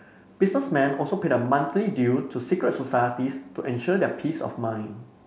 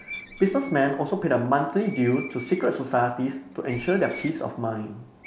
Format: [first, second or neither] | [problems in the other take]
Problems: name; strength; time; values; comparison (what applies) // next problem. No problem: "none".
first | background sound (Screech); 18 dB below the speech